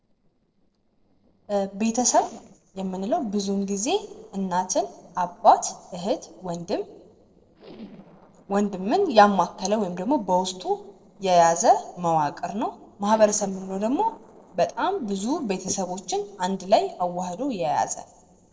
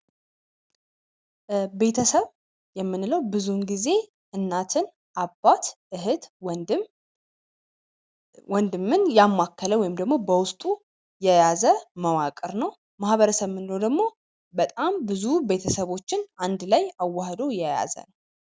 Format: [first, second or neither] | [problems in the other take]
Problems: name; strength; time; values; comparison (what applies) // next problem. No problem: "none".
second | noise reduction (neural separator model SepFormer DNS4)